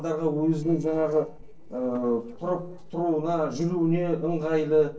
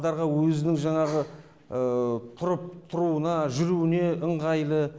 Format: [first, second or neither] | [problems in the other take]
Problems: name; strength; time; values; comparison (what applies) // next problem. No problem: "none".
second | noise reduction (neural separator model SepFormer DNS4)